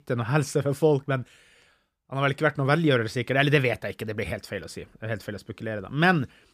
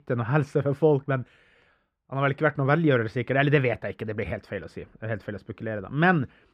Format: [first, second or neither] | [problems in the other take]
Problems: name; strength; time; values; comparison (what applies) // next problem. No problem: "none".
first | muffled; slightly; fading above 4 kHz